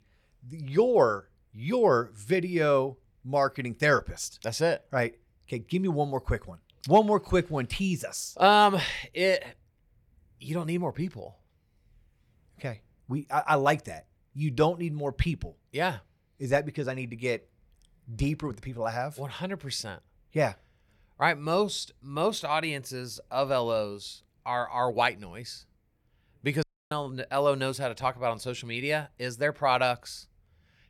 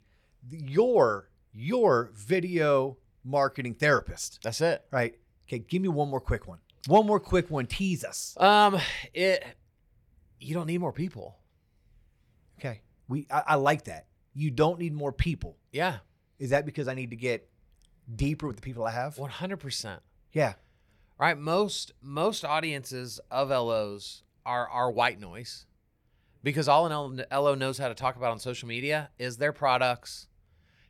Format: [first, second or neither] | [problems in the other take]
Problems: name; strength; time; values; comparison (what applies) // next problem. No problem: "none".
second | audio cutting out; at 27 s